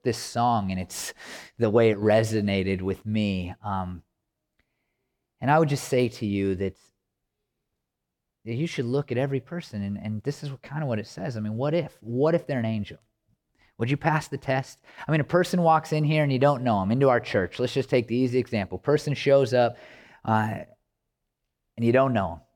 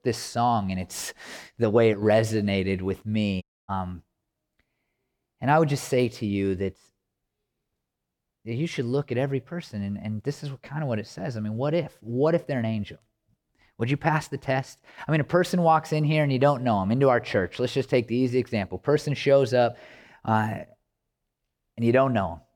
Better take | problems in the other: first | audio cutting out; at 3.5 s

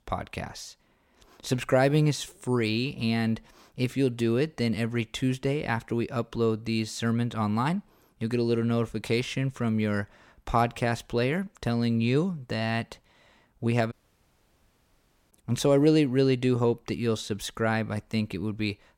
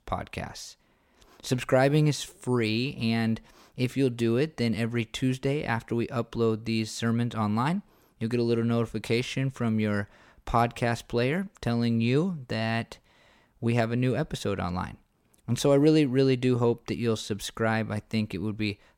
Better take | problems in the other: second | audio cutting out; at 14 s for 1.5 s

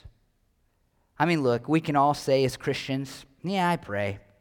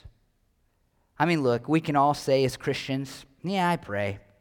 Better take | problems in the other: neither | none

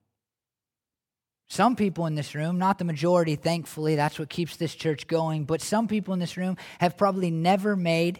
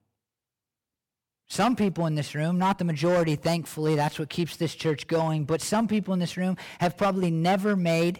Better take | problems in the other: first | distortion; slight; 6% of the sound clipped

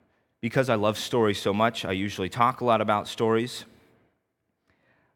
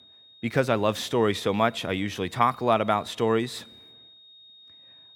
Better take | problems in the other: first | high-pitched whine; faint; throughout; 3.5 kHz, 25 dB below the speech

